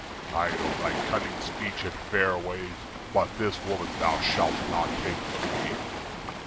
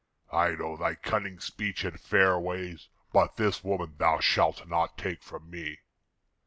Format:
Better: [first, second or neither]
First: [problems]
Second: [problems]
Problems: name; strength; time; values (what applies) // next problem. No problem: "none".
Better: second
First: background sound (Waves, surf); 2 dB below the speech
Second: none